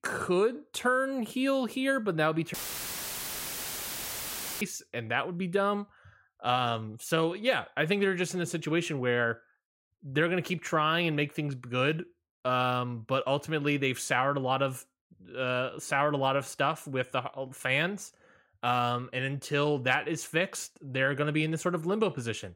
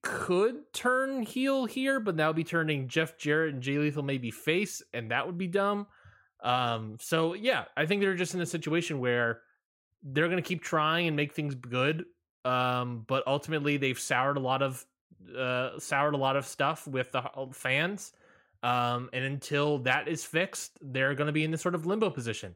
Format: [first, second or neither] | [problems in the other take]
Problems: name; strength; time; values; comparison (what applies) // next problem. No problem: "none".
second | audio cutting out; filled with static; at 2.5 s for 2 s